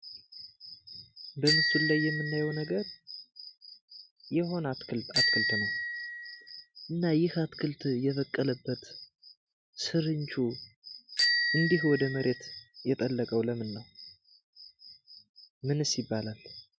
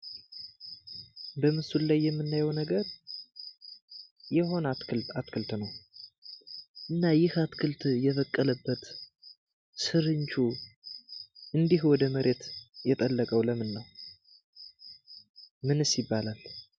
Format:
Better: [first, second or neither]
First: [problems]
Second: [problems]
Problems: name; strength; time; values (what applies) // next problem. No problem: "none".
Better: second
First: background sound (Bicycle bell); 1 dB below the speech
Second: none